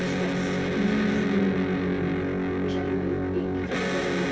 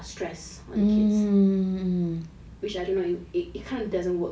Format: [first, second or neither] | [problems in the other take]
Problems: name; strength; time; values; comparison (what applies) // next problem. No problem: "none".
second | background sound (Electric guitar); 4 dB above the speech